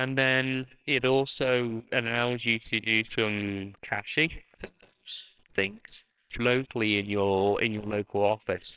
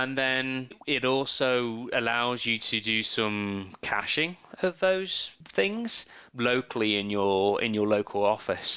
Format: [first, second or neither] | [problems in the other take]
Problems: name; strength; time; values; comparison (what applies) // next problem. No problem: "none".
second | noise reduction (neural separator model SepFormer WHAMR!)